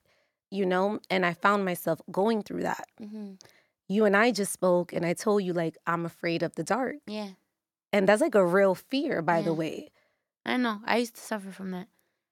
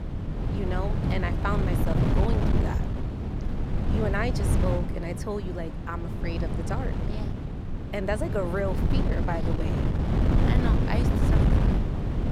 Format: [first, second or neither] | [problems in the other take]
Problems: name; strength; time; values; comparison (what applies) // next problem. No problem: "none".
first | wind noise on the microphone; heavy; 2 dB below the speech